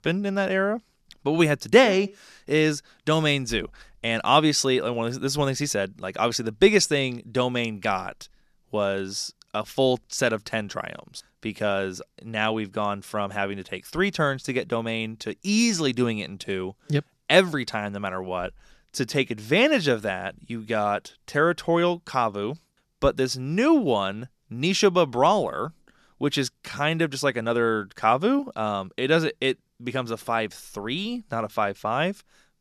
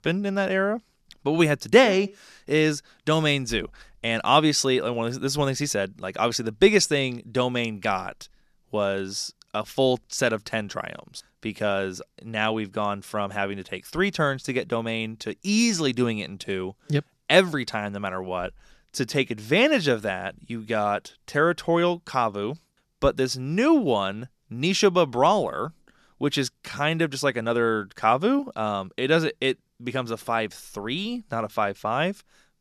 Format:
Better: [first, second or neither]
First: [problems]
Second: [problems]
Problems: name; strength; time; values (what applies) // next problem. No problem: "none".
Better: neither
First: none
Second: none